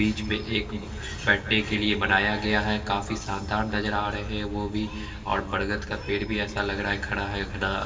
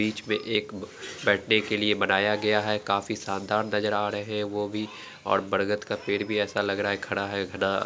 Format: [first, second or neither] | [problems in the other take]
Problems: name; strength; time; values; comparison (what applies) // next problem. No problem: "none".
second | background sound (Aircraft); 10 dB below the speech // room echo; dies away in 1.9 s